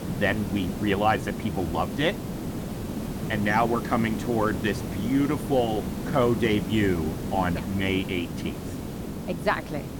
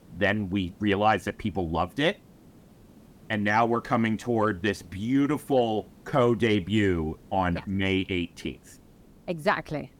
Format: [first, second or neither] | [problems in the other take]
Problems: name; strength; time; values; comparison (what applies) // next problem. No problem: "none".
second | hiss; loud; throughout; 6 dB below the speech; faint in the second